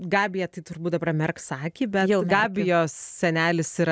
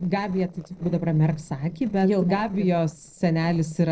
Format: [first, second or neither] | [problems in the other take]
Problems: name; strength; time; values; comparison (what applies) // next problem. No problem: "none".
first | noise reduction (neural separator model SepFormer DNS4)